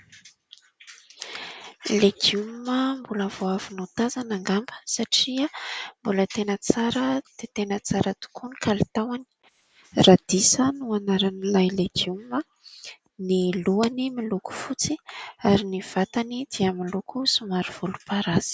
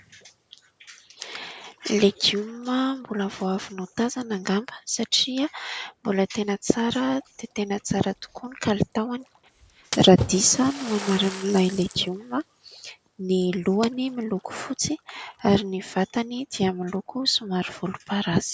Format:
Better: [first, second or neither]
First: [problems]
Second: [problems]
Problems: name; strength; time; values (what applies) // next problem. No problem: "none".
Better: first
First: none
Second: background sound (Splash, splatter); 17 dB below the speech